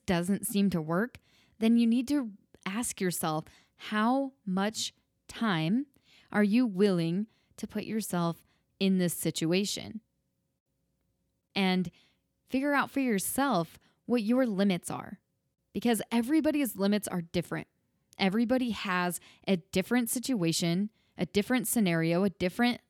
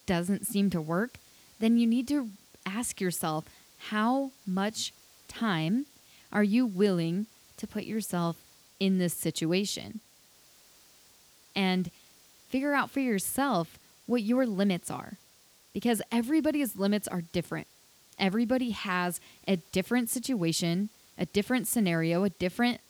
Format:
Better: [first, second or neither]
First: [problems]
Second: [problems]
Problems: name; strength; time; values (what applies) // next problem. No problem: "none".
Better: first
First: none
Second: hiss; faint; throughout; 25 dB below the speech